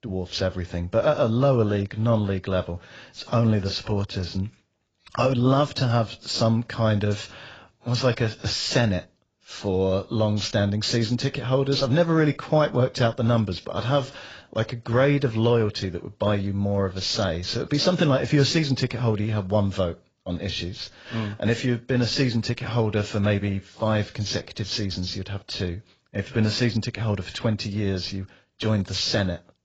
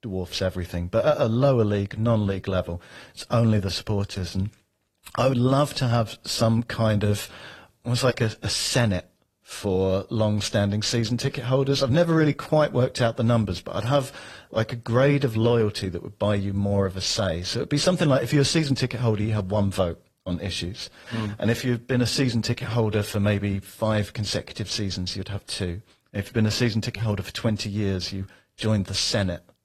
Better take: second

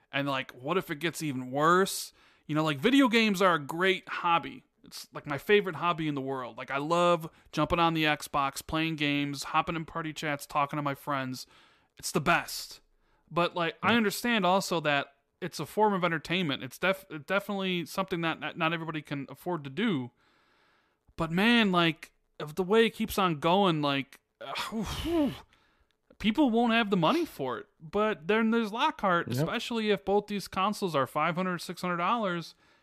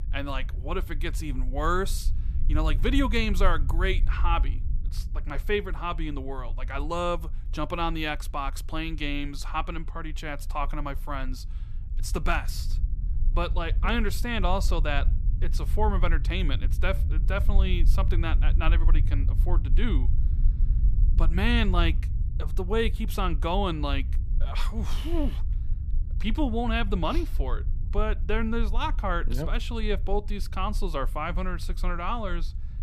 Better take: first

